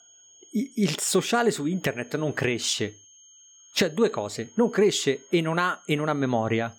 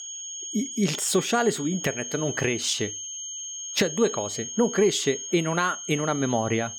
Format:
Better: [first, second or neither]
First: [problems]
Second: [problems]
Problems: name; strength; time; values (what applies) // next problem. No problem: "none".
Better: first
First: high-pitched whine; faint; throughout; 6.5 kHz, 25 dB below the speech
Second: high-pitched whine; loud; throughout; 6.5 kHz, 7 dB below the speech